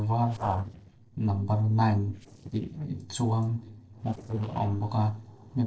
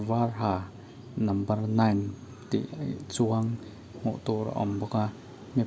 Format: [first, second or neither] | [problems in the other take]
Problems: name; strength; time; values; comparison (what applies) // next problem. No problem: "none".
second | noise reduction (neural separator model SepFormer DNS4)